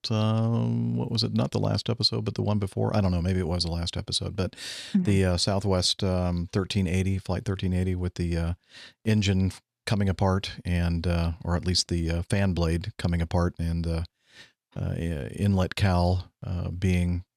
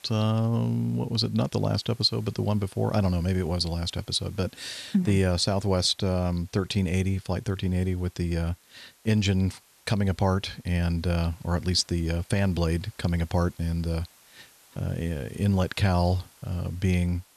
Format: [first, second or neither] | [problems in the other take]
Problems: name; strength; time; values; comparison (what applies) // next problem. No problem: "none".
first | hiss; faint; throughout; 30 dB below the speech